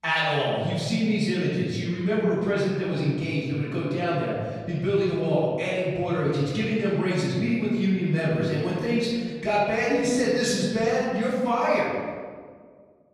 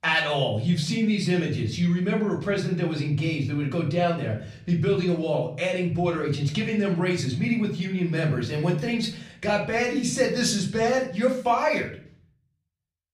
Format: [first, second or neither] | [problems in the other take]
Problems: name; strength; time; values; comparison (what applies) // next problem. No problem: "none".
second | room echo; strong; dies away in 1.6 s; slight in the second // off-mic speech; far; far in the second